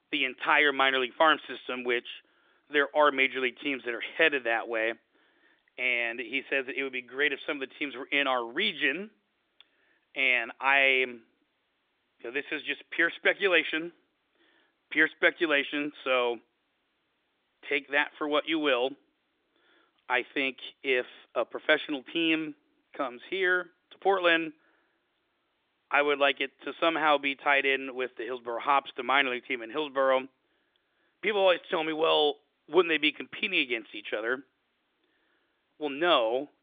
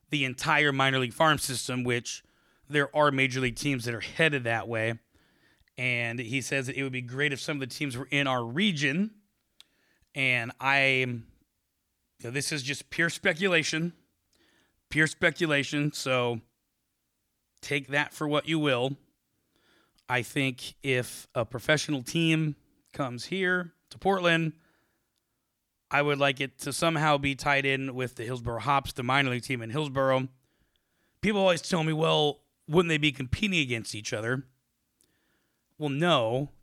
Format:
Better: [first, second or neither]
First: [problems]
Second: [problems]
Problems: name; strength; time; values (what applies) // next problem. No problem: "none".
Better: second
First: phone-call audio; nothing above 3.5 kHz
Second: none